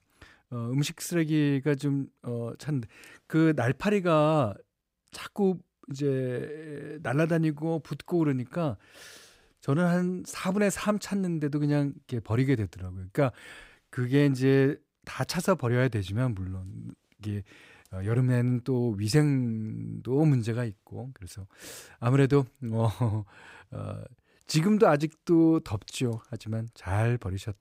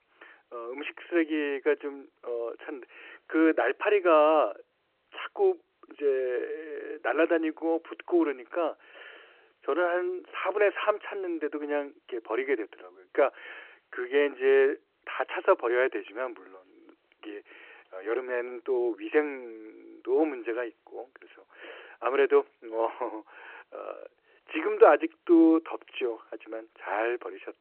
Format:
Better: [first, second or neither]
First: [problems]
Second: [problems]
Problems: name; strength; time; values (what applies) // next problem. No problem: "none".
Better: first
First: none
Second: phone-call audio